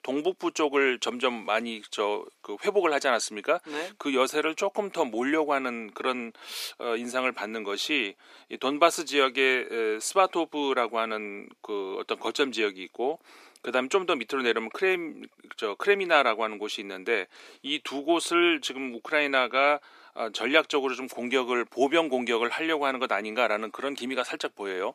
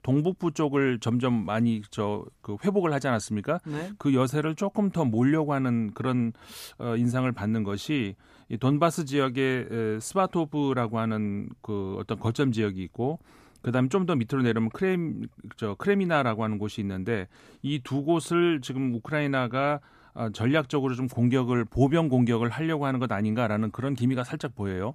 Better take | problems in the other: second | thin; somewhat; fading below 350 Hz

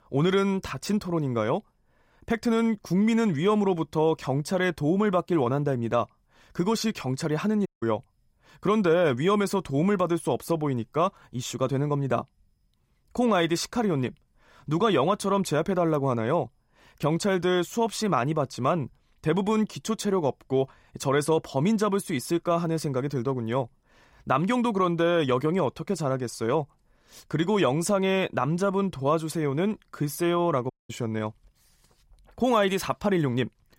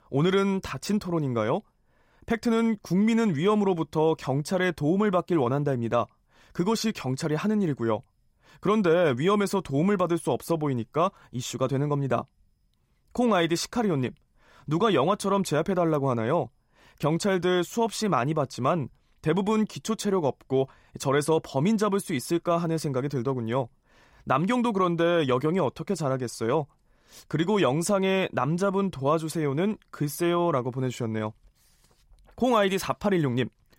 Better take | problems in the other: second | audio cutting out; at 7.5 s and at 31 s

